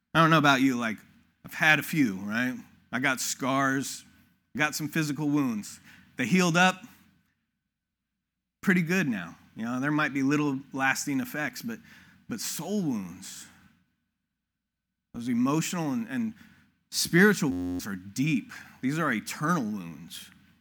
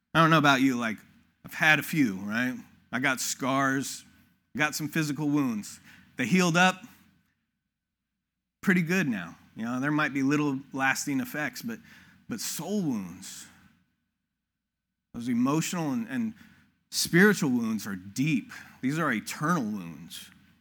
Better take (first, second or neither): second